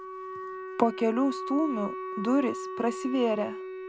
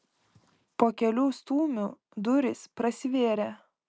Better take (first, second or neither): second